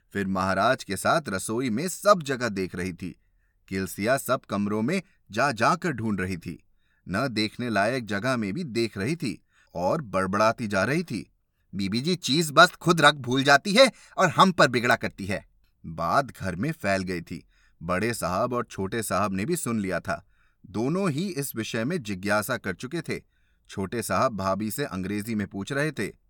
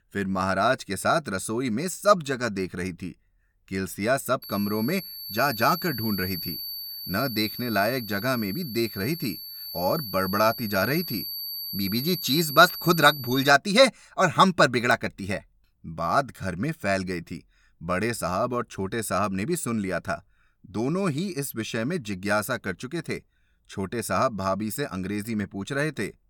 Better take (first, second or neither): first